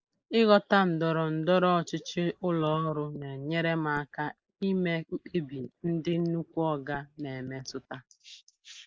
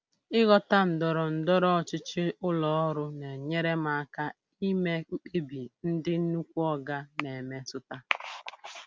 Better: second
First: noise reduction (neural mask model Resemble Enhance denoiser)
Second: none

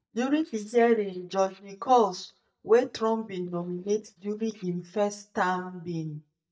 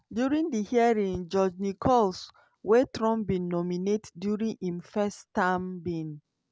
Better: second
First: noise reduction (neural mask model DeepFilterNet 3)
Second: none

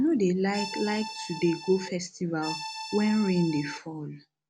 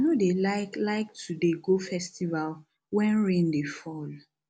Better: second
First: background sound (Accordion); 10 dB below the speech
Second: none

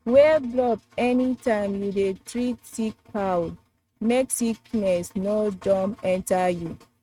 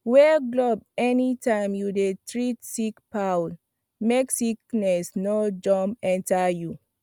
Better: second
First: noise reduction (neural mask model RNNoise)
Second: none

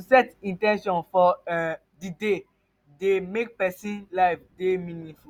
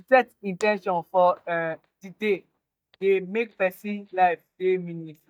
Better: first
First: none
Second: noise reduction (neural mask model DeepFilterNet 3)

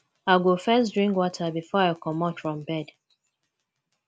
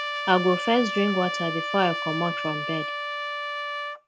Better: first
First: none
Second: background sound (Trumpet); 4 dB below the speech

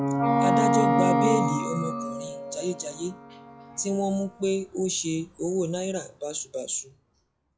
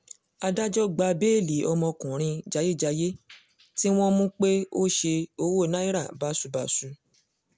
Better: second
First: noise reduction (classical method log-MMSE)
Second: none

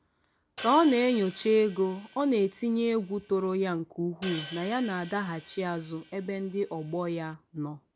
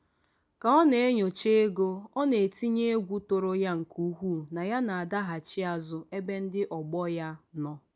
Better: second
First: background sound (Hi-hat); 18 dB below the speech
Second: none

